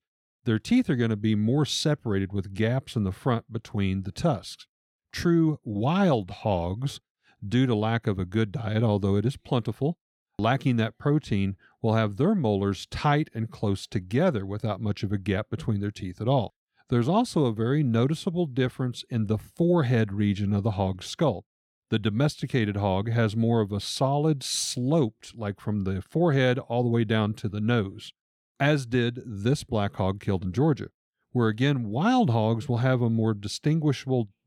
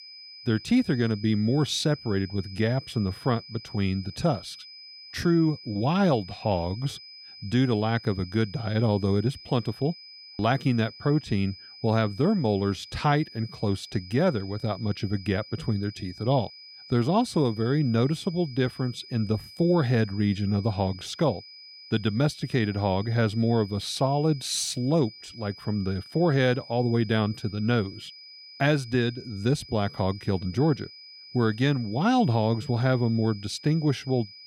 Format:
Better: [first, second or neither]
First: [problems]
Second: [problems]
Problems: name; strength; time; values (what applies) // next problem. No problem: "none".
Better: first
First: none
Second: high-pitched whine; noticeable; throughout; 5 kHz, 15 dB below the speech